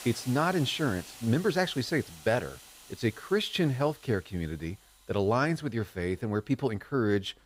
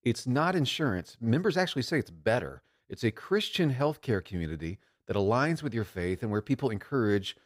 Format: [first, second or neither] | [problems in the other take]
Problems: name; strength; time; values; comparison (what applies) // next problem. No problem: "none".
second | hiss; noticeable; throughout; 20 dB below the speech